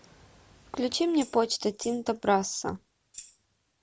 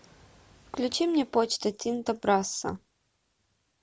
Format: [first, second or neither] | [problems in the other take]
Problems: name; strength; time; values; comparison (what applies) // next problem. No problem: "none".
second | background sound (Tambourine); 19 dB below the speech